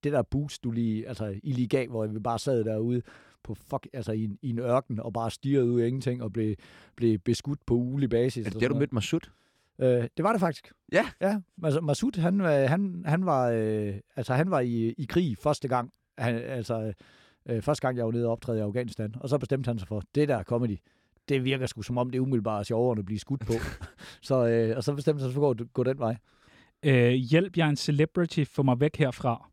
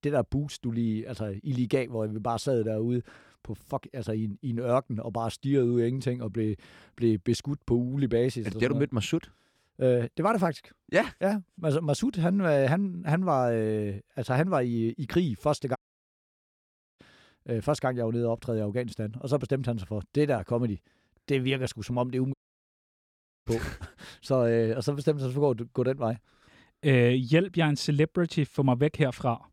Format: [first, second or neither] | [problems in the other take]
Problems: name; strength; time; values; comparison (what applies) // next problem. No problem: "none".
first | audio cutting out; at 16 s for 1 s and at 22 s for 1 s